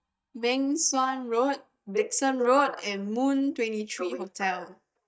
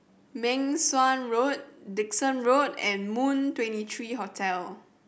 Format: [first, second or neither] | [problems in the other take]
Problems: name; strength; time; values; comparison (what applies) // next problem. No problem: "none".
second | noise reduction (neural mask model DeepFilterNet 3)